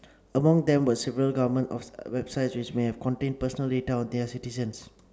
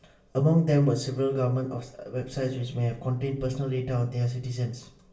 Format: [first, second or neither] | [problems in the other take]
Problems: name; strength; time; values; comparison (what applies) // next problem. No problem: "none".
first | room echo; dies away in 0.3 s